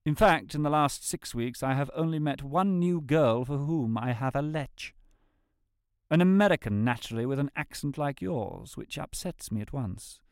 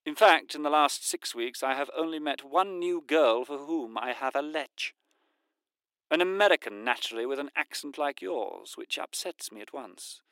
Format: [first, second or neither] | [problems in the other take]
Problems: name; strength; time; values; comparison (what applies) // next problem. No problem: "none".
first | thin; very; fading below 350 Hz